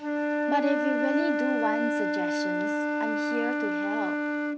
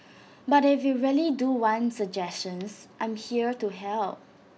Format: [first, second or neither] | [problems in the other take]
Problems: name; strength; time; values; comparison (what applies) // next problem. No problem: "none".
second | background sound (Wind instrument, woodwind instrument); 5 dB above the speech